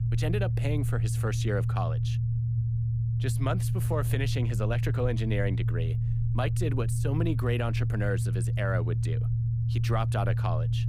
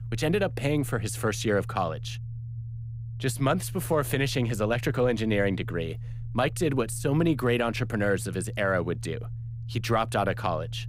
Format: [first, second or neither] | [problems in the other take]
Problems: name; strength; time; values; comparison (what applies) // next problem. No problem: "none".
second | low rumble; loud; throughout; 7 dB below the speech; faint in the second